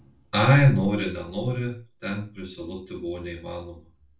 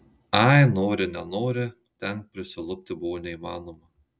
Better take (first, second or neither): second